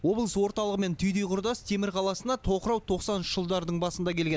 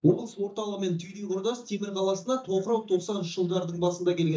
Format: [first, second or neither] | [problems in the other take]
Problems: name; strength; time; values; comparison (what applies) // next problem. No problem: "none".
first | noise reduction (neural mask model DeepFilterNet 3)